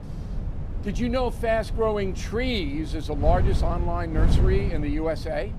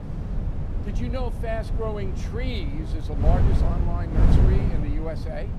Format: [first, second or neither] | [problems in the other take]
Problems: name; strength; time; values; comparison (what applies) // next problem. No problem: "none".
first | wind noise on the microphone; heavy; 2 dB below the speech; occasional gusts in the first